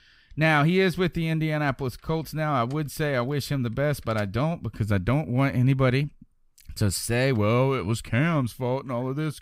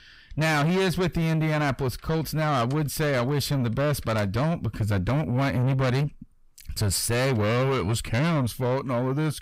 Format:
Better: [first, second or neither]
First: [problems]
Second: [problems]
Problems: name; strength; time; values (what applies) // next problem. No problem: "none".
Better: first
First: none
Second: distortion; heavy; 7 dB below the speech